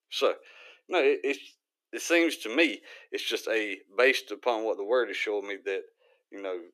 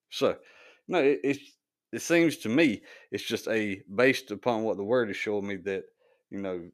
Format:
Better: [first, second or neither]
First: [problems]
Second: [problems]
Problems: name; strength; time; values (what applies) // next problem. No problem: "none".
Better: second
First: thin; somewhat; fading below 350 Hz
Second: none